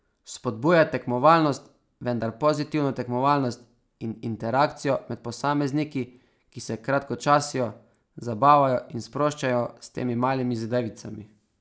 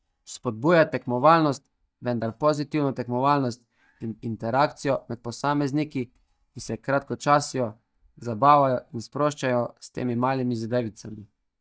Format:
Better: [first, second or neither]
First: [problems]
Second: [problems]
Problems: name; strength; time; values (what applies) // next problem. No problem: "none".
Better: first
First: none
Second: noise reduction (neural mask model DeepFilterNet 3)